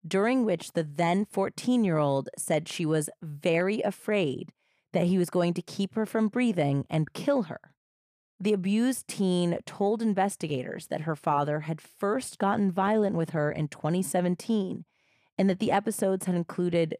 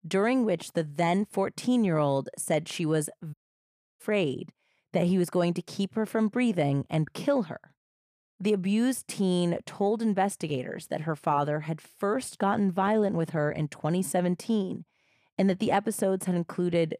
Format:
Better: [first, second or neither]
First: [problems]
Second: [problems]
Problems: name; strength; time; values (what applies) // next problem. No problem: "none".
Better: first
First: none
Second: audio cutting out; at 3.5 s for 0.5 s